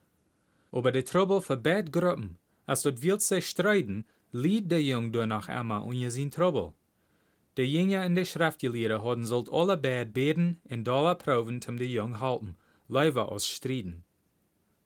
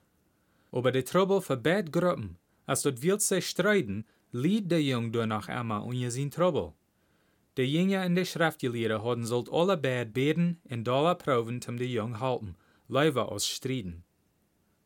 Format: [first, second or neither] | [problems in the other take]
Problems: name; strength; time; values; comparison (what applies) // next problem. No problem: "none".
second | garbled, watery; slightly; nothing above 17 kHz